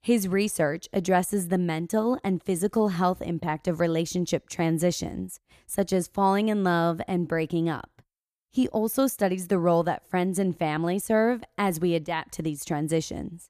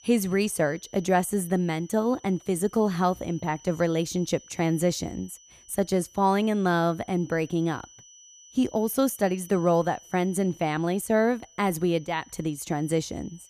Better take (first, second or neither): first